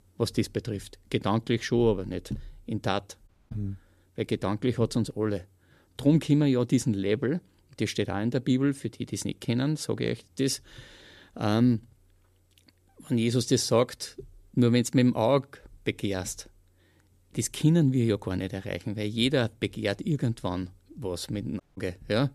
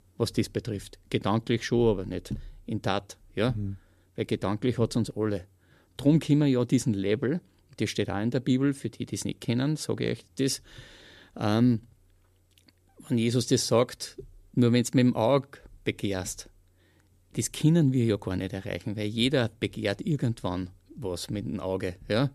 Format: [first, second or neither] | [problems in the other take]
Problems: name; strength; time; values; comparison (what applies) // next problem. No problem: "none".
second | audio cutting out; at 3.5 s and at 22 s